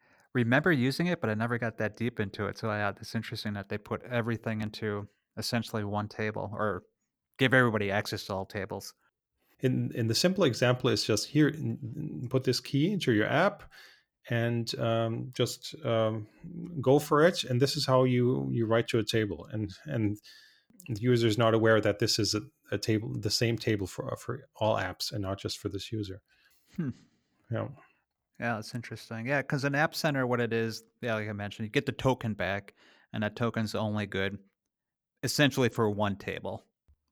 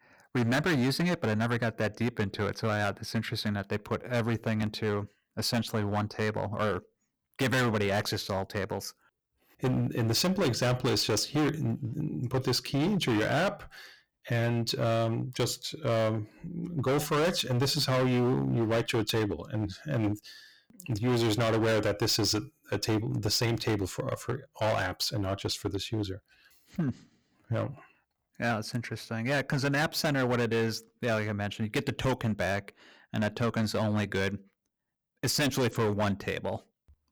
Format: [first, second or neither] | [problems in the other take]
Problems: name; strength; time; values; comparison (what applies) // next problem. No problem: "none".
first | distortion; heavy; 13% of the sound clipped